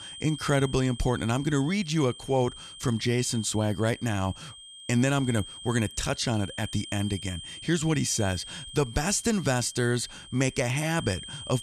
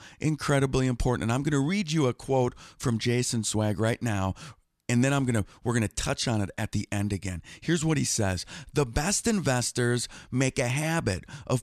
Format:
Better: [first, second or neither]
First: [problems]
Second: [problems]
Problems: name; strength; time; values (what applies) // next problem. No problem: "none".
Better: second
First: high-pitched whine; noticeable; throughout; 3 kHz, 15 dB below the speech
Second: none